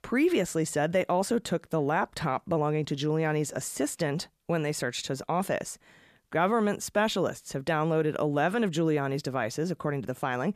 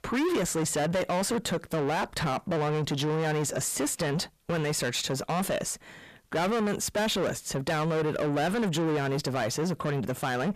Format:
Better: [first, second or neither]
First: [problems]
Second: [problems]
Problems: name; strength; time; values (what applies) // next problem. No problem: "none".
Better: first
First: none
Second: distortion; heavy; 6 dB below the speech